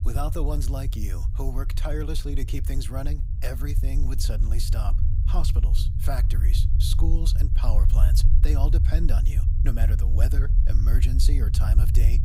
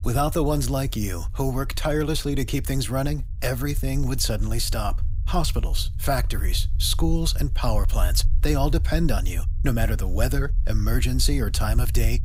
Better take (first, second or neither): second